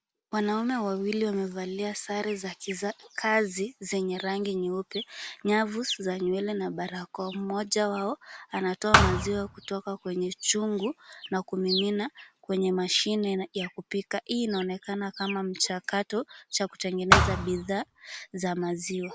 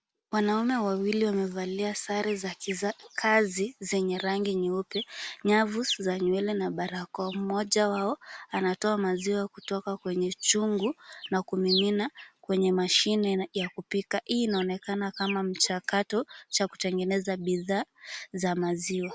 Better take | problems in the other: second | background sound (Thump, thud); 4 dB above the speech

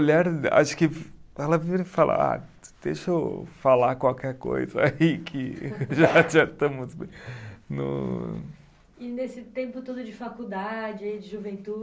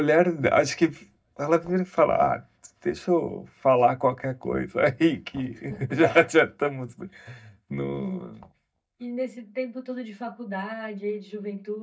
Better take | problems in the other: first | noise reduction (neural mask model DeepFilterNet 3)

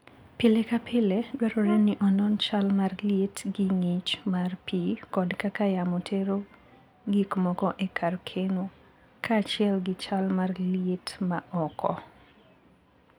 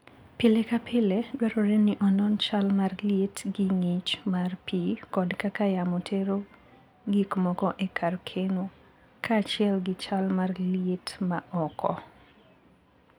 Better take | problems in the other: second | background sound (Brass instrument); 13 dB below the speech

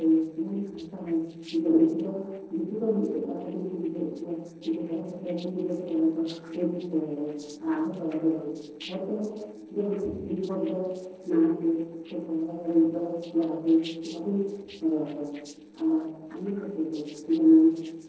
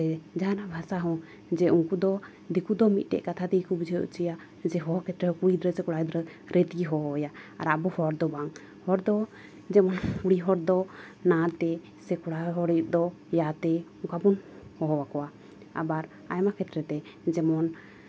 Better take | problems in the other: second | noise reduction (neural separator model SepFormer DNS4)

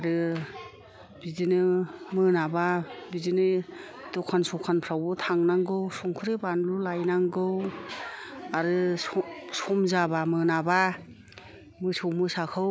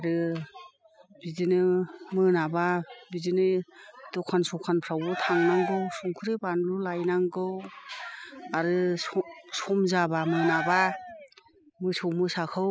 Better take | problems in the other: first | noise reduction (classical method spectral subtraction)

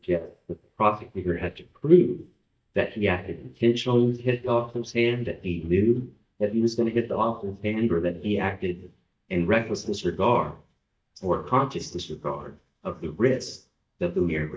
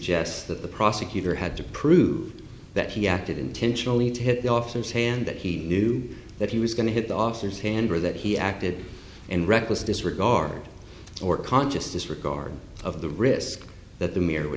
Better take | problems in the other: second | noise reduction (neural mask model DeepFilterNet 3)

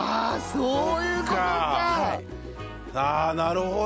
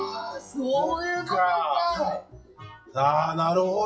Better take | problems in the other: first | noise reduction (classical method WPE with log-MMSE)

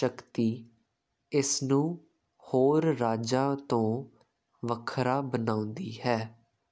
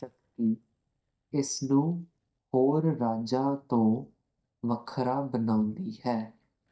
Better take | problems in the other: first | noise reduction (neural mask model DeepFilterNet 3)

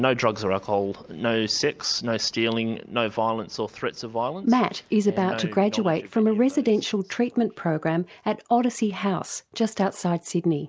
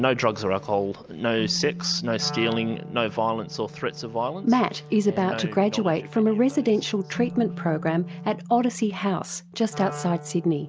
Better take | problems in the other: first | background sound (Keyboard (musical) + Wind instrument, woodwind instrument); 13 dB below the speech

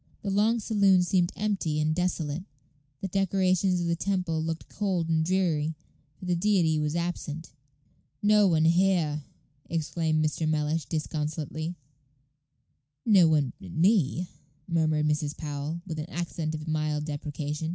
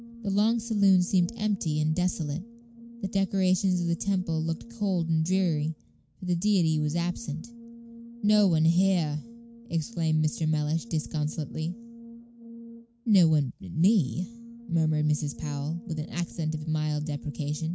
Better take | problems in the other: first | background sound (Brass instrument); 17 dB below the speech

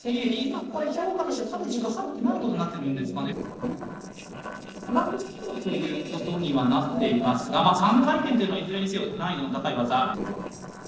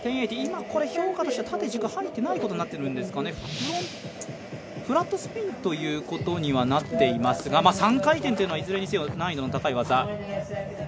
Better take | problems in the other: second | noise reduction (neural separator model SepFormer DNS4)

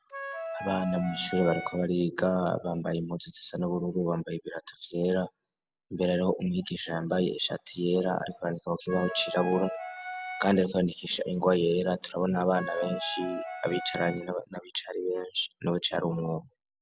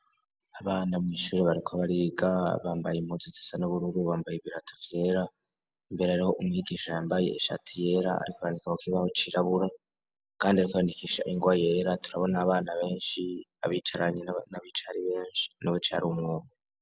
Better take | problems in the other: second | background sound (Wind instrument, woodwind instrument); 8 dB below the speech

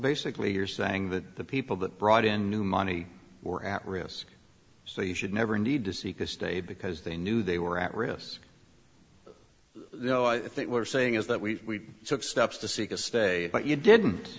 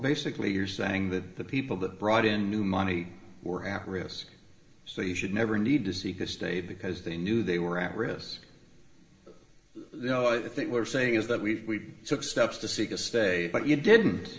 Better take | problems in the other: first | room echo; dies away in 1.3 s

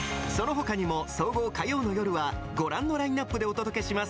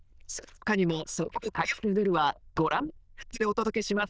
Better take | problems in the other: first | noise reduction (neural diffusion model UNIVERSE++)

